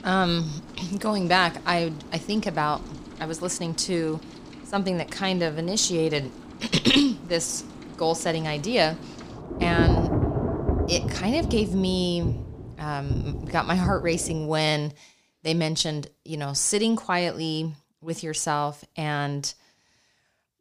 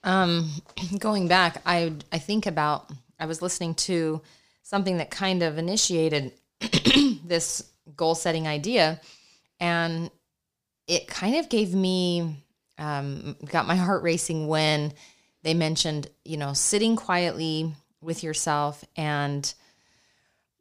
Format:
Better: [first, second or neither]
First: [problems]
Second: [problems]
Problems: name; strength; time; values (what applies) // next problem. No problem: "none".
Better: second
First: rain or running water; loud; until 14 s; 7 dB below the speech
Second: none